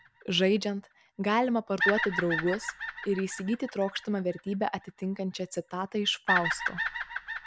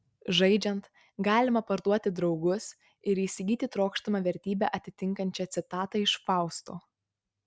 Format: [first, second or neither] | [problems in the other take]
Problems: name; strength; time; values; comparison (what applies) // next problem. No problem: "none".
second | background sound (Bird vocalization, bird call, bird song); 5 dB below the speech